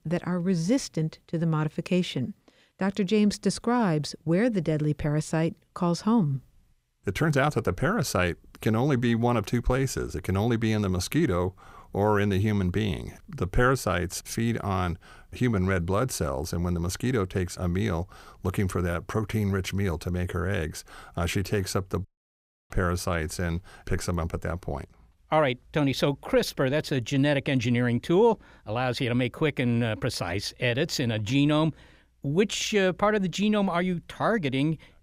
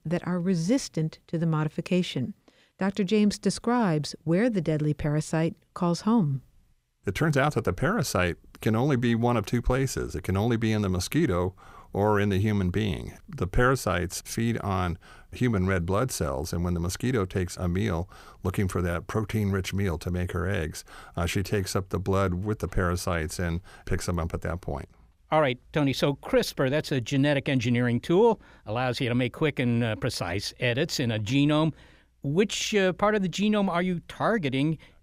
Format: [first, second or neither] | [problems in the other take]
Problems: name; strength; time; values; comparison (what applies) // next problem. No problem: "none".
second | audio cutting out; at 22 s for 0.5 s